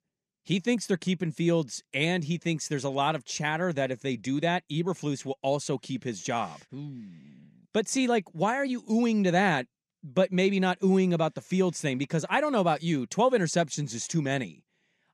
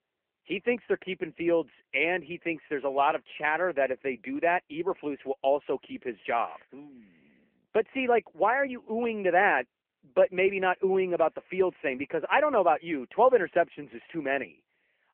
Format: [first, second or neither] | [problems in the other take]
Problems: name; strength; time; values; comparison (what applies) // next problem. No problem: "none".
first | phone-call audio